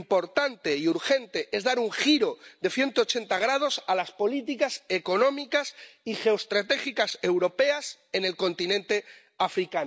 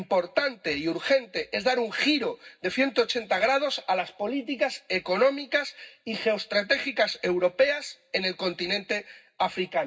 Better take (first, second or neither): first